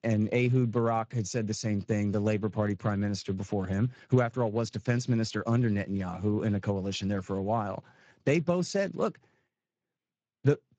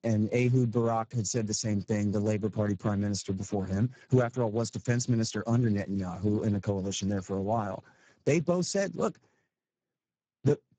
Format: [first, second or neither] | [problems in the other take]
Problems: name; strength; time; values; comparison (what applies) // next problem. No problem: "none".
first | garbled, watery; badly; nothing above 7.5 kHz; slightly in the first